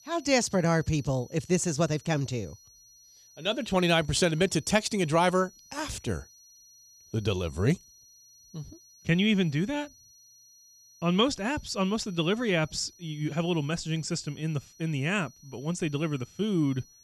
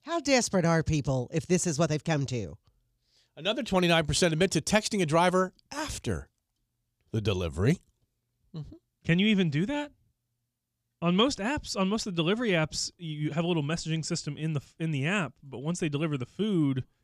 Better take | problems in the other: second | high-pitched whine; faint; throughout; 6 kHz, 25 dB below the speech

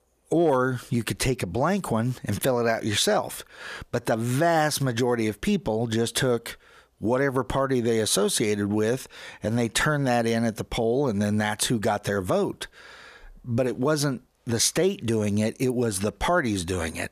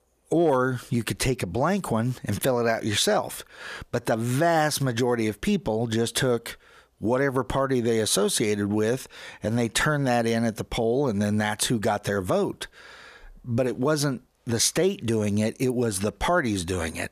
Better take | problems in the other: neither | none

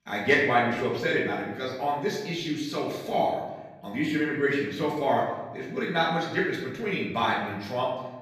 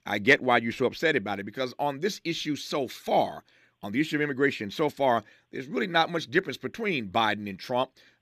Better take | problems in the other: second | room echo; noticeable; dies away in 0.9 s // off-mic speech; far

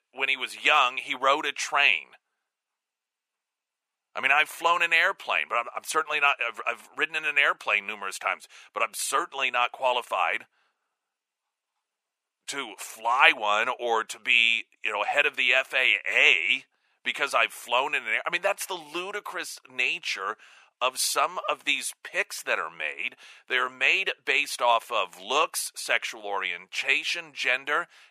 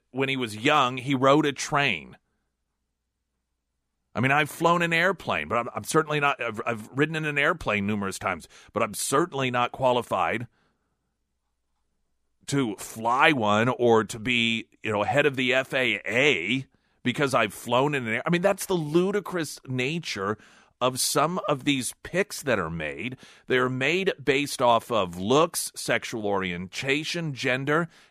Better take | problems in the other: second | thin; very; fading below 800 Hz

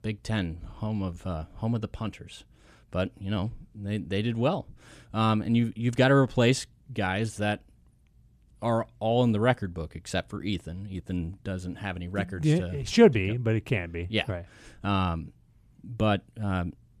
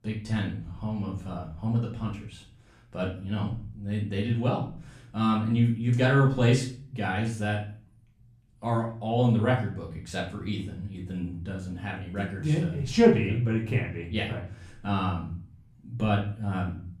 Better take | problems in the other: first | off-mic speech; far // room echo; slight; dies away in 0.4 s

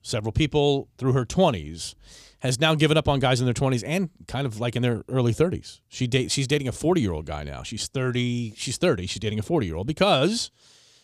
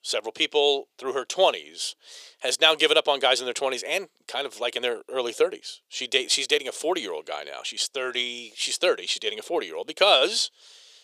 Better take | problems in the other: first | thin; very; fading below 450 Hz

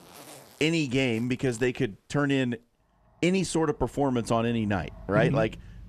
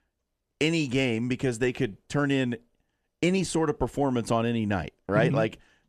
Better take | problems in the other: second | household noises; faint; throughout; 25 dB below the speech

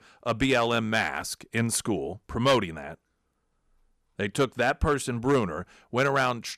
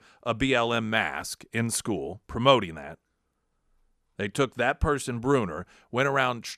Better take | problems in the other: second | distortion; slight; 1.9% of the sound clipped

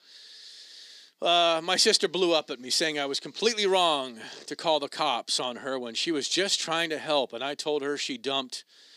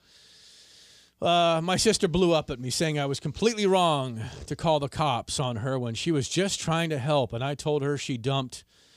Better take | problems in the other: second | thin; somewhat; fading below 250 Hz

